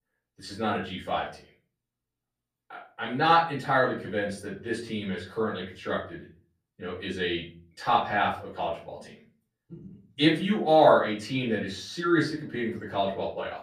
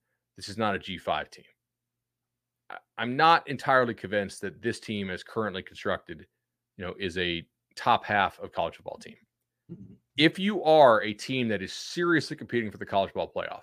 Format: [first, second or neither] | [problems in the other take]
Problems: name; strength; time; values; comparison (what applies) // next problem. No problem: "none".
second | off-mic speech; far // room echo; slight; dies away in 0.3 s